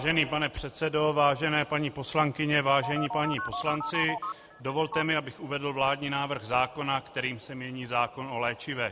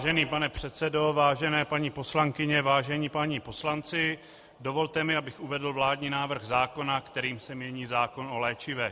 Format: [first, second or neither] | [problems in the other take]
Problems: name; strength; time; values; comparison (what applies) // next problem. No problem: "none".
second | background sound (Telephone); 6 dB below the speech